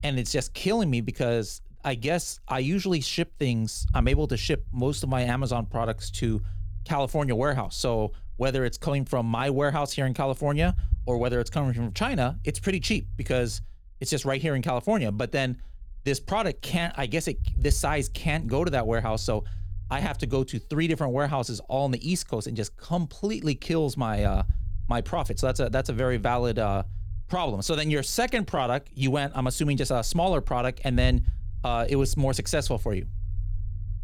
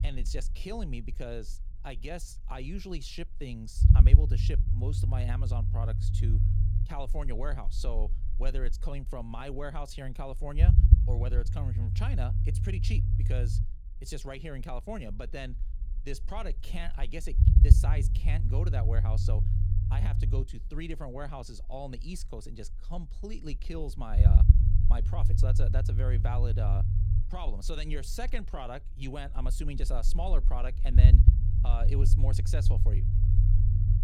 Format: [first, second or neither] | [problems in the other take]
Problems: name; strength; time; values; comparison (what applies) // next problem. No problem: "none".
first | low rumble; loud; throughout; 1 dB below the speech; faint in the first